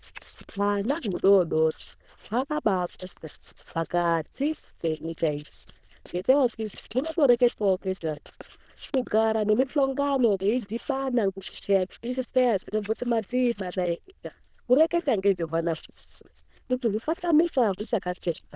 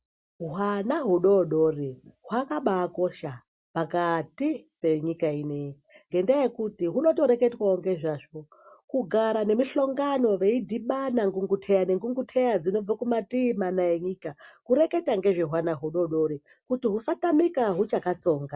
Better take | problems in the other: second | noise reduction (neural diffusion model UNIVERSE++)

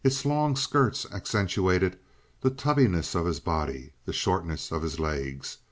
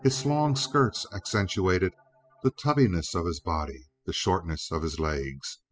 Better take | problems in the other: first | noise reduction (classical method spectral subtraction)

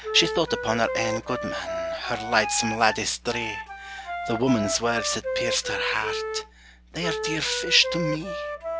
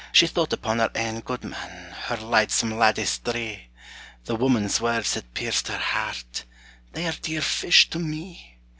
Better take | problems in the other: second | background sound (Wind instrument, woodwind instrument); 5 dB below the speech

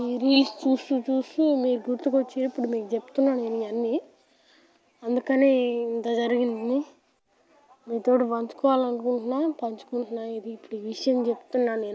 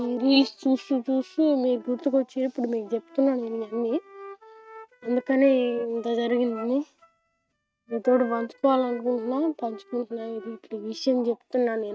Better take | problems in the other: first | noise reduction (neural mask model RNNoise)

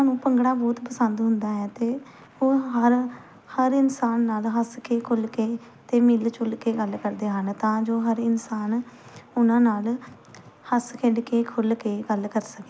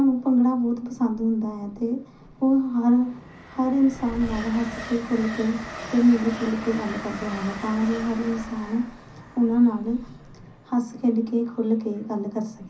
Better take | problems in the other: first | background sound (Train); 15 dB below the speech // room echo; dies away in 0.5 s

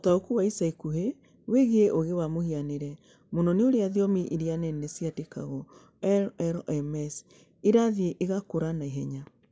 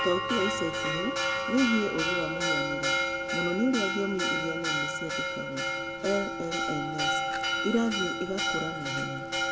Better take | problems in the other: first | background sound (Church bell); 1 dB above the speech // room echo; dies away in 0.8 s

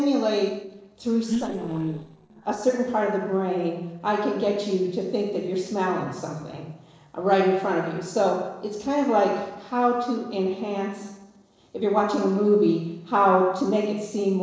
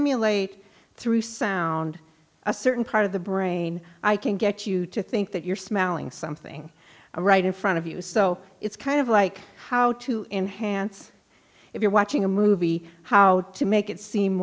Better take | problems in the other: second | noise reduction (neural separator model SepFormer DNS4)

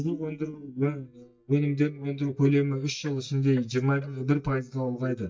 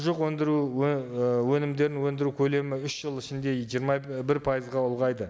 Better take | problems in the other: second | noise reduction (neural mask model DeepFilterNet 3)

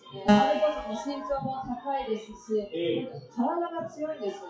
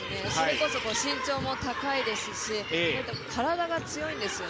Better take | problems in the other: second | noise reduction (classical method WPE with log-MMSE)

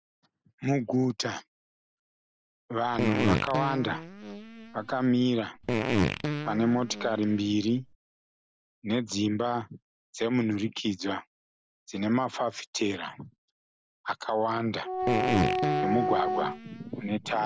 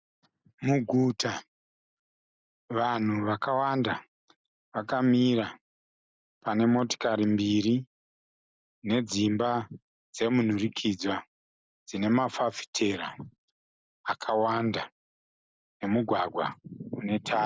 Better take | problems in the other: second | background sound (Fart + Wind instrument, woodwind instrument); as loud as the speech

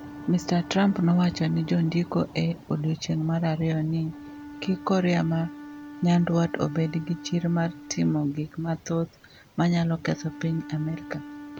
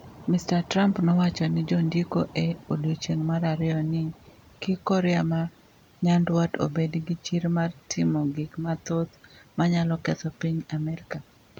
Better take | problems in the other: second | background sound (Wind instrument, woodwind instrument); 17 dB below the speech

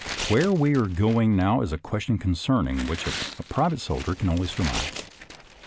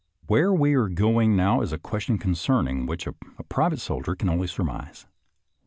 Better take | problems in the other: second | background sound (Tearing); 12 dB below the speech

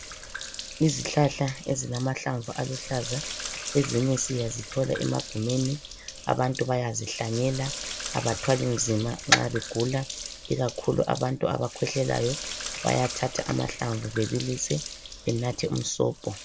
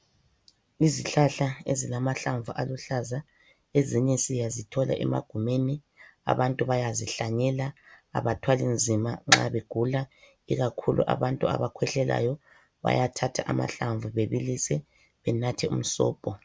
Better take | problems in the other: second | background sound (Sink (filling or washing)); 10 dB below the speech

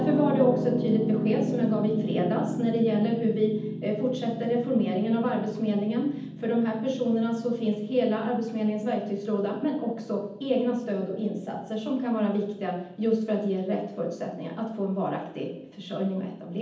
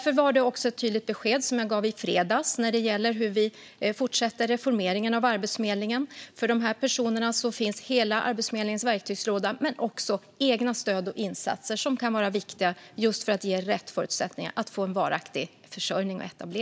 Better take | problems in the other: second | background sound (Piano); 8 dB below the speech // room echo; dies away in 0.8 s

